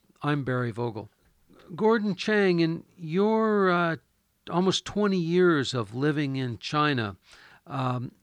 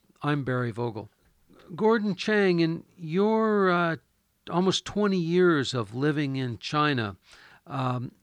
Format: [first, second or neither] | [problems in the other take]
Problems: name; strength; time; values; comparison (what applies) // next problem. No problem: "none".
neither | none